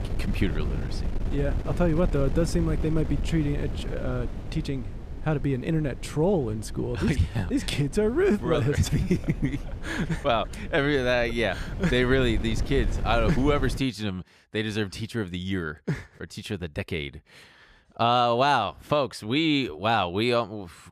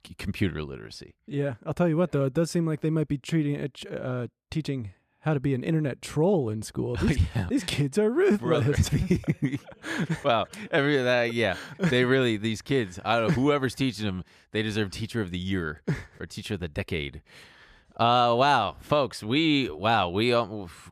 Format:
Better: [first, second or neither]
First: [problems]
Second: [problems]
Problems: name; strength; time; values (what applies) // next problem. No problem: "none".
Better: second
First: wind noise on the microphone; occasional gusts; until 14 s; 15 dB below the speech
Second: none